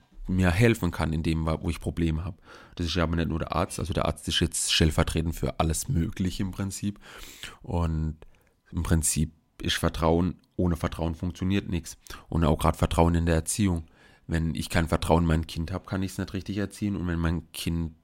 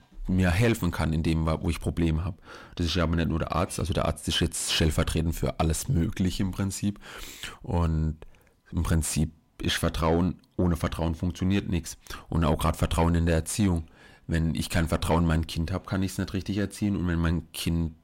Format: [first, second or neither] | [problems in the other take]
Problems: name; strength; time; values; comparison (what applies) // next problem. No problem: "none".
first | distortion; slight; 10 dB below the speech